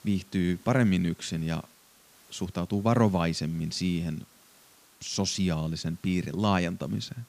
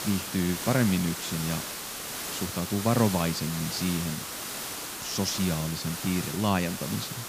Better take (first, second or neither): first